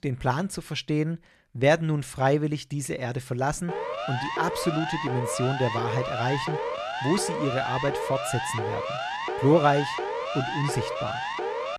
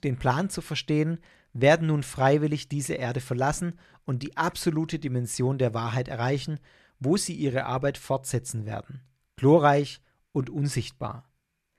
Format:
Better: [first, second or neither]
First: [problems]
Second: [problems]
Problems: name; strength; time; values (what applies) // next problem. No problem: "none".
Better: second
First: siren; noticeable; from 3.5 s on; peak 2 dB below the speech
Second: none